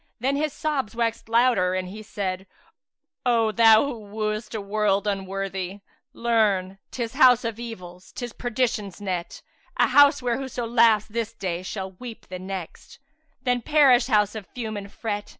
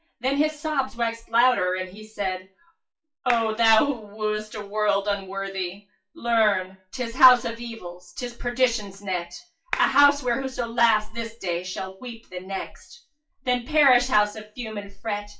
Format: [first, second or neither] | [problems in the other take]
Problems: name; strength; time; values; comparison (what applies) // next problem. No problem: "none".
first | noise reduction (classical method WPE with log-MMSE)